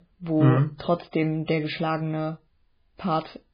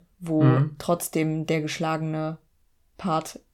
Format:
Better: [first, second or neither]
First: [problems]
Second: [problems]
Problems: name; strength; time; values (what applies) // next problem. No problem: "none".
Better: second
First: garbled, watery; badly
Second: none